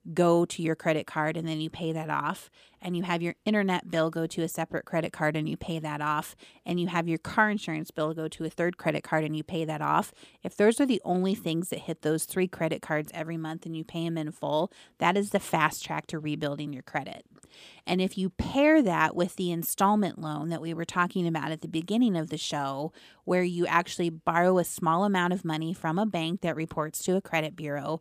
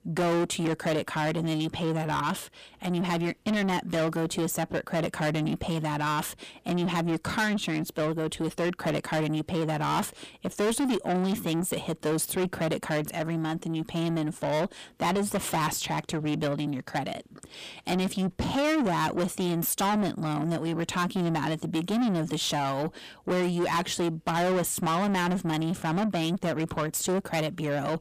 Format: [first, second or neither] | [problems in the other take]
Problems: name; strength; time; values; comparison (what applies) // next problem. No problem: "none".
first | distortion; heavy; 6 dB below the speech